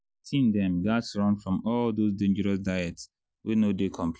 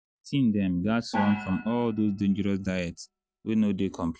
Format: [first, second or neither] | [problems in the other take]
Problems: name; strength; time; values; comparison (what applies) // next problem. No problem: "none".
first | noise reduction (neural mask model RNNoise)